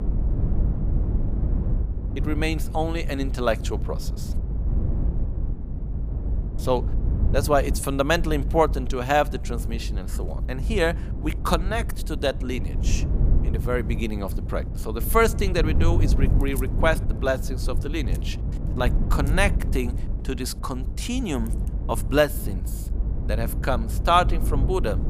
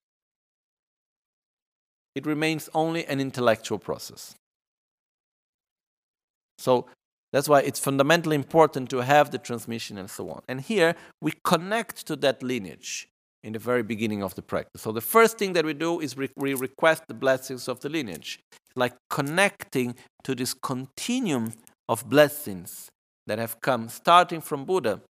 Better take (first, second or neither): second